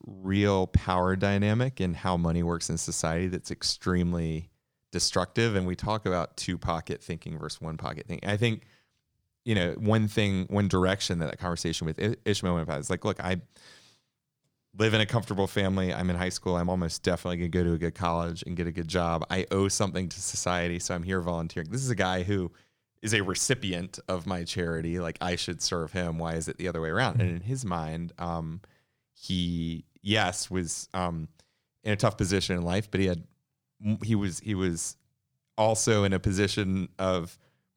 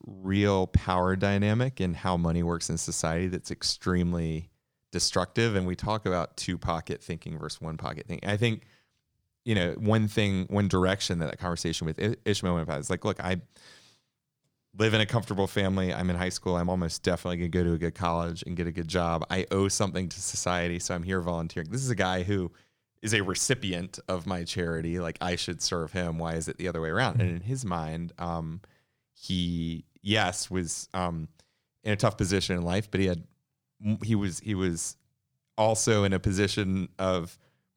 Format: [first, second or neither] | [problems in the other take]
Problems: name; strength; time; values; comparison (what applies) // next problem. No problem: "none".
neither | none